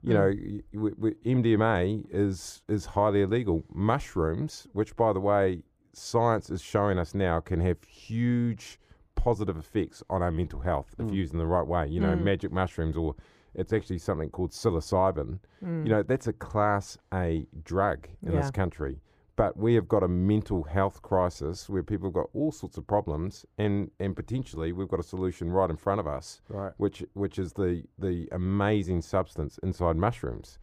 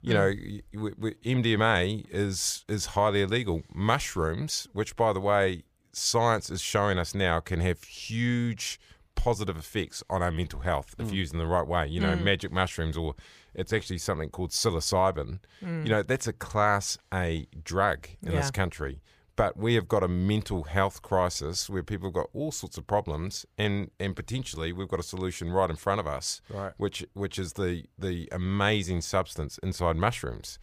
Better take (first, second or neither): second